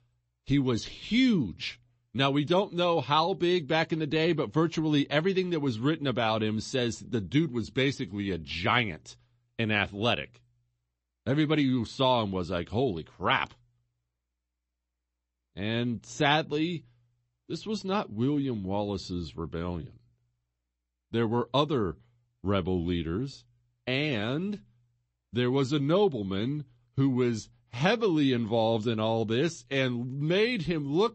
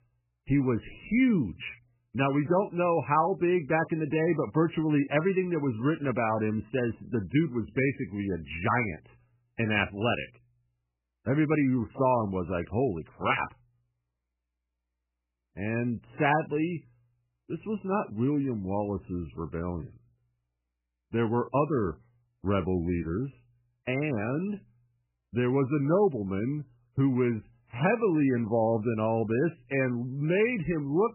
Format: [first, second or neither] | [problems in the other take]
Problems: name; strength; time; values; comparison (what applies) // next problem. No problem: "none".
first | garbled, watery; badly; nothing above 3 kHz; slightly in the first